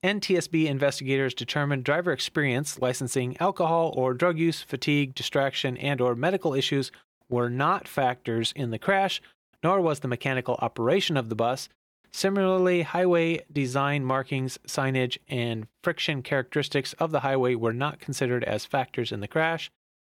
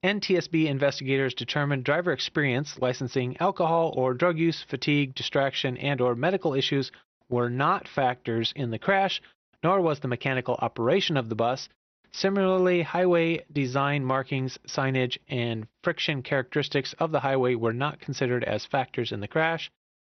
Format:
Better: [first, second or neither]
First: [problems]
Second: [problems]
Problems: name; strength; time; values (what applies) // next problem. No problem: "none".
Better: first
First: none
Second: garbled, watery; slightly; nothing above 6 kHz